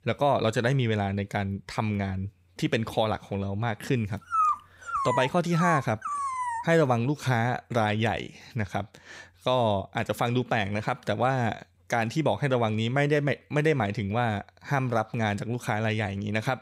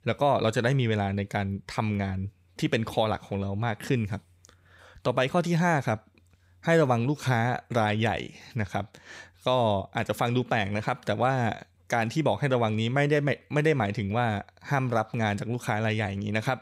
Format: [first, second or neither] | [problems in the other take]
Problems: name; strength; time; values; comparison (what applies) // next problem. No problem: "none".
second | dog barking; loud; from 4.5 to 6.5 s; peak 3 dB above the speech